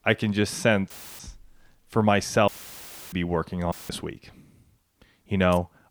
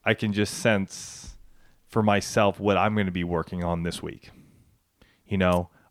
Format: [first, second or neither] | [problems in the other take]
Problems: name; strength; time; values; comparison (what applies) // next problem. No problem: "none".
second | audio cutting out; filled with static; at 1 s, at 2.5 s for 0.5 s and at 3.5 s